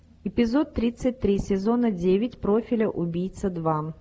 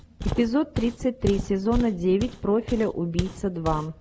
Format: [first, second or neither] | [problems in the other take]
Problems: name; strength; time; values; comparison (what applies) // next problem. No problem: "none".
first | background sound (Walk, footsteps); 8 dB below the speech